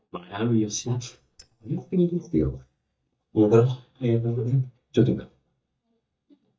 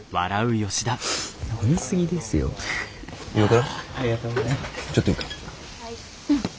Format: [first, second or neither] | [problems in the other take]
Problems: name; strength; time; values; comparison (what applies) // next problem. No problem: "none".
second | noise reduction (neural mask model DeepFilterNet 3)